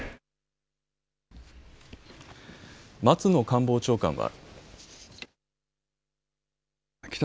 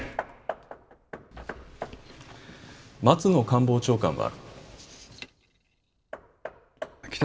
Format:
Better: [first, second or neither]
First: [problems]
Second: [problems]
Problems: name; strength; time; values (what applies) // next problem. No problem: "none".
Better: first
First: none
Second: background sound (Hammer); 15 dB below the speech // room echo; dies away in 1.8 s